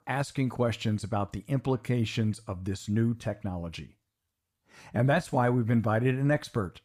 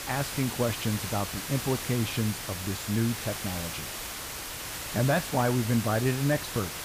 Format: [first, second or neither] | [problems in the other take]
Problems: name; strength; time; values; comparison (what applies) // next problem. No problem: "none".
first | hiss; loud; throughout; 5 dB below the speech